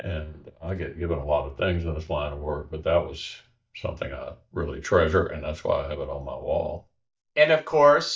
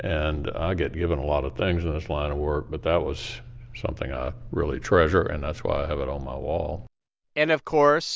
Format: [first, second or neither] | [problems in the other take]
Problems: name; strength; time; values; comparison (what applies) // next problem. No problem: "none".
second | noise reduction (neural mask model DeepFilterNet 3)